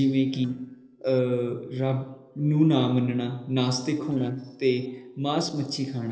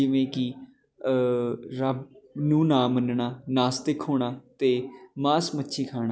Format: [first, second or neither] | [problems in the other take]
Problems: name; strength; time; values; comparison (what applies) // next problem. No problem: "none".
second | noise reduction (neural separator model SepFormer DNS4)